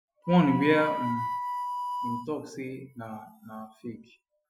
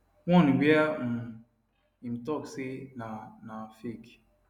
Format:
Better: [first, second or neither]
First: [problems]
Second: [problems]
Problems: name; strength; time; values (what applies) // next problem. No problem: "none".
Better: second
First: noise reduction (classical method Wiener filter)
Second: none